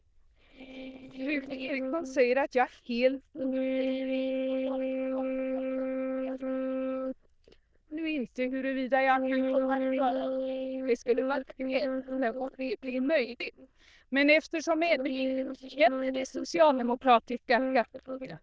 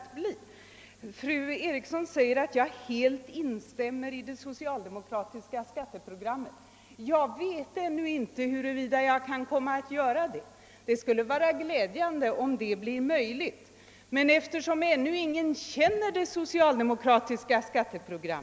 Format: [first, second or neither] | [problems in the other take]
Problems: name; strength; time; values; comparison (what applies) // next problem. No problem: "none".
second | noise reduction (neural diffusion model UNIVERSE++)